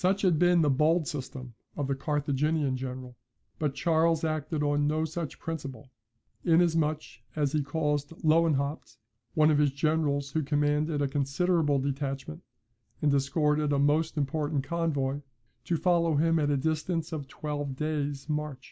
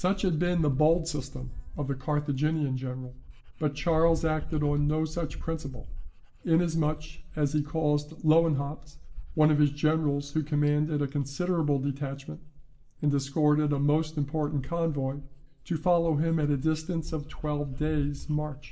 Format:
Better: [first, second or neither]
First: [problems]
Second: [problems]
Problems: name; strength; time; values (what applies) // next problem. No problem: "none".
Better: first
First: none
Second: background sound (Dog); 11 dB below the speech // room echo; dies away in 0.6 s